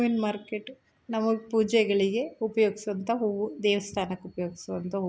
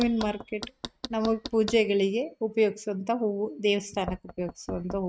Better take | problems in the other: first | noise reduction (neural mask model RNNoise)

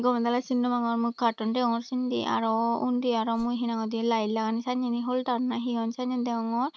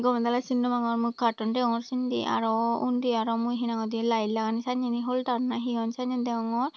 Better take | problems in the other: second | noise reduction (neural mask model RNNoise)

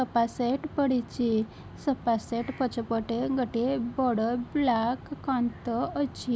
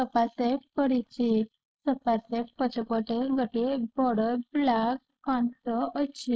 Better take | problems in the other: first | noise reduction (neural mask model Resemble Enhance denoiser)

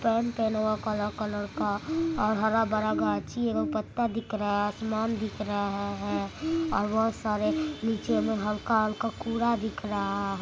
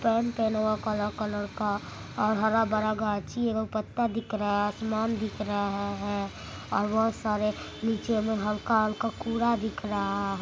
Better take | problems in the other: second | background sound (Bird); 9 dB below the speech

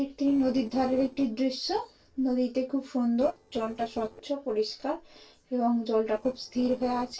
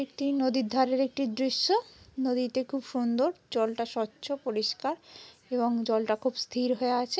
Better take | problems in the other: second | noise reduction (neural separator model SepFormer DNS4)

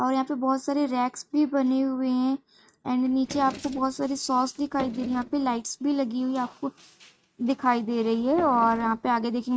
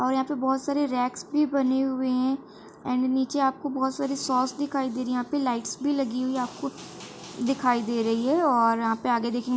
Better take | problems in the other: second | noise reduction (neural mask model RNNoise)

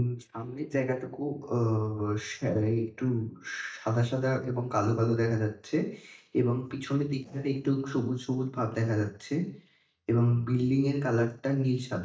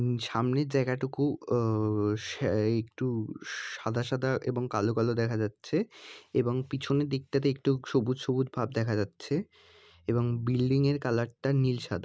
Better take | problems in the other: second | noise reduction (neural mask model DeepFilterNet 3)

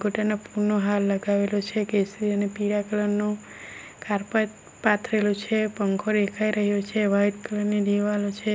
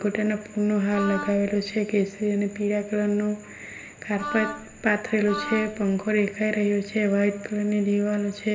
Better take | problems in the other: first | background sound (Wind instrument, woodwind instrument); 10 dB below the speech // room echo; dies away in 1.4 s

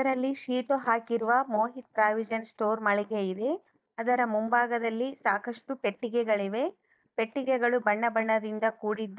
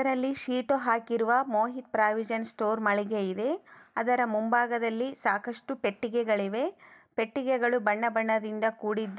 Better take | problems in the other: second | noise reduction (neural mask model DeepFilterNet 3)

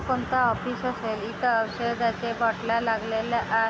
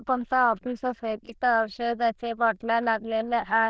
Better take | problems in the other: first | noise reduction (neural diffusion model UNIVERSE++)

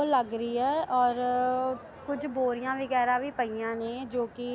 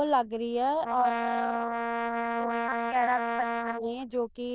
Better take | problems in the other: first | noise reduction (neural diffusion model UNIVERSE++)

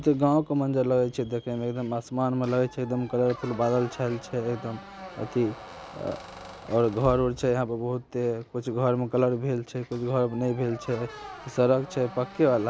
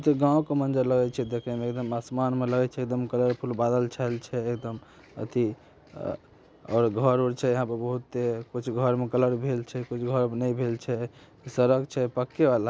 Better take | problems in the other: second | background sound (Squeak); 18 dB below the speech

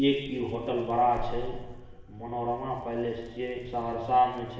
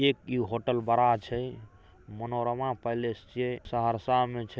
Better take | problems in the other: second | background sound (Hands); 13 dB below the speech // room echo; dies away in 1.1 s

